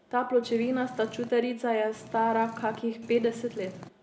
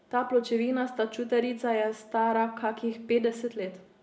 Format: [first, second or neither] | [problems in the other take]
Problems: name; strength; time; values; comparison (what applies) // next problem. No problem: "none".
second | background sound (Purr); 18 dB below the speech